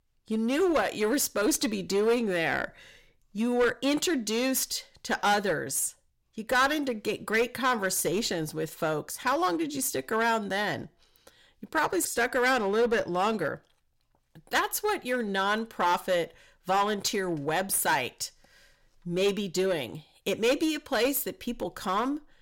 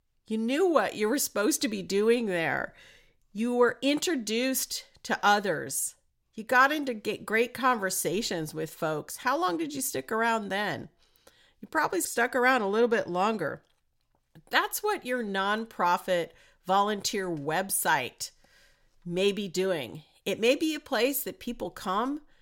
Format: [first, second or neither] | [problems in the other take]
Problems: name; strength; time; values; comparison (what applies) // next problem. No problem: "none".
second | distortion; slight; 6% of the sound clipped